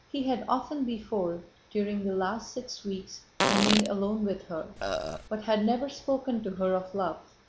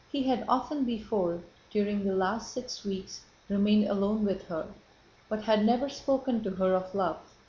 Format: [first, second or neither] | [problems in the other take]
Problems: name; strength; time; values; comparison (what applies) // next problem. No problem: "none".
second | background sound (Fart + Burping, eructation); 1 dB above the speech